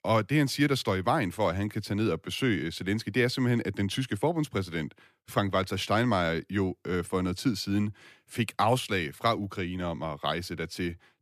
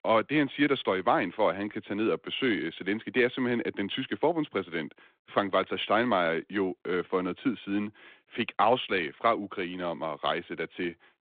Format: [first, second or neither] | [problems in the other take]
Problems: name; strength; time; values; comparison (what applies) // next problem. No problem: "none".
first | phone-call audio